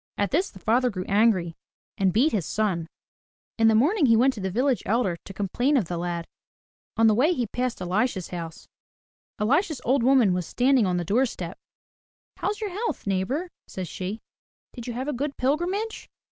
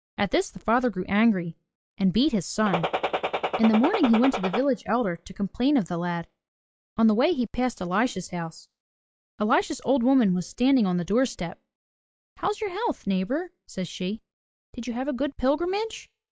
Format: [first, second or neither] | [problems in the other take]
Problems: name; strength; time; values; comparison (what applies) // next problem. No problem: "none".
first | noise reduction (classical method log-MMSE)